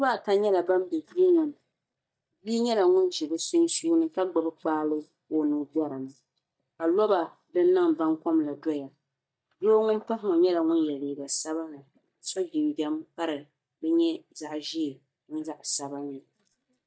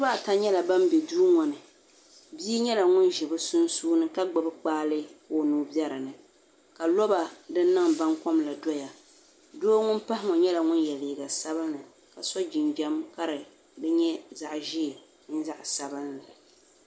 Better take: second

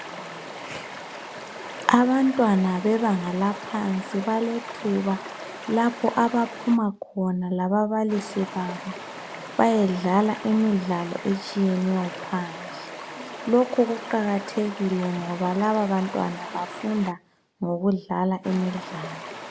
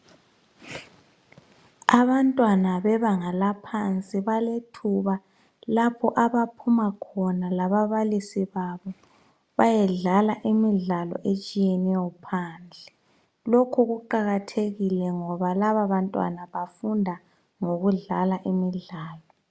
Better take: second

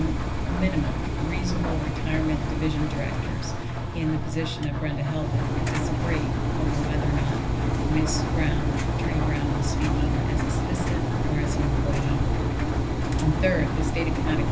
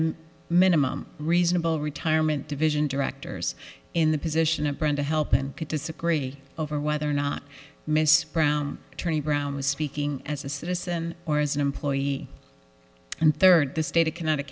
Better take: second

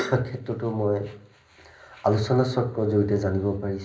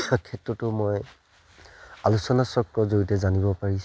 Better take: second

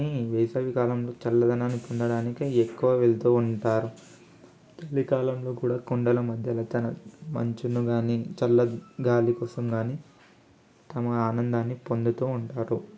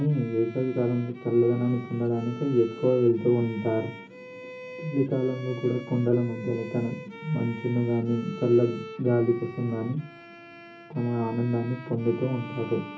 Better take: first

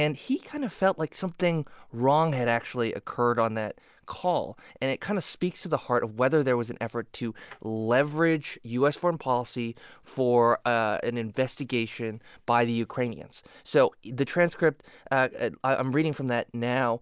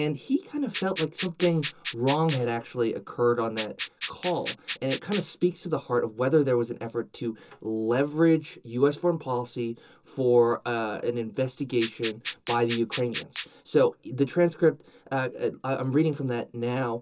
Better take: first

